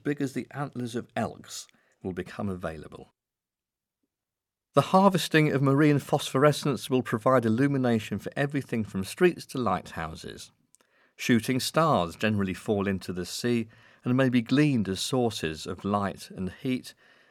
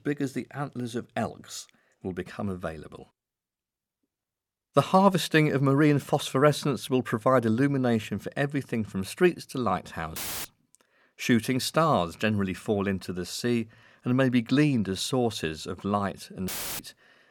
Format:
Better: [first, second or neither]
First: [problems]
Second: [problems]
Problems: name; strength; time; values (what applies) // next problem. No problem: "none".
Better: first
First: none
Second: audio cutting out; filled with static; at 10 s and at 16 s